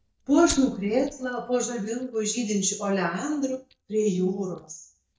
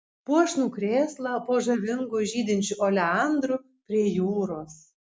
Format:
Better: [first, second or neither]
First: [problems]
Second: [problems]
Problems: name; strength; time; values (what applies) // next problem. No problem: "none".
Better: second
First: noise reduction (neural mask model DeepFilterNet 3)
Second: none